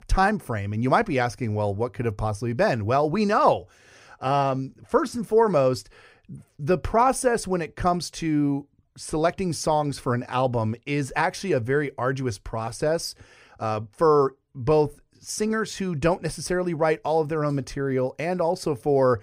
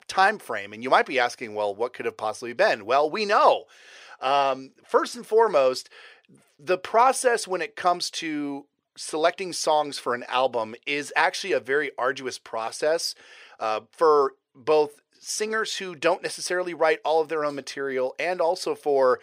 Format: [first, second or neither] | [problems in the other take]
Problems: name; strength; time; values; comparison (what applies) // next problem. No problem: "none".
first | thin; somewhat; fading below 500 Hz